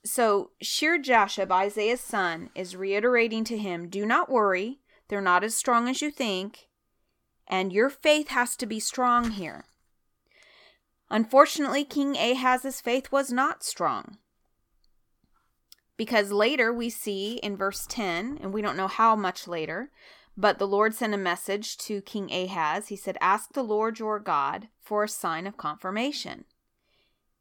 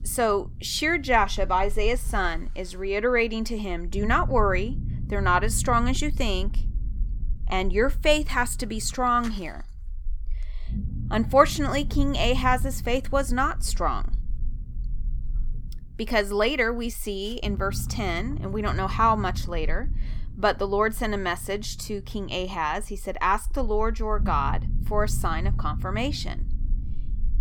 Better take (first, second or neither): first